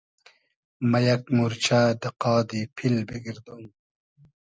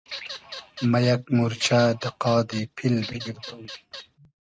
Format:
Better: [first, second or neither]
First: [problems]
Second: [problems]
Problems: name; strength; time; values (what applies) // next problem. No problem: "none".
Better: first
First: none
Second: noise reduction (neural mask model RNNoise)